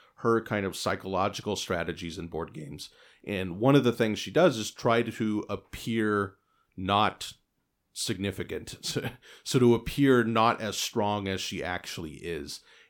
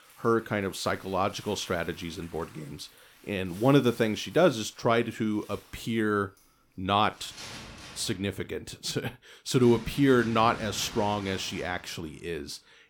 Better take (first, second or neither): first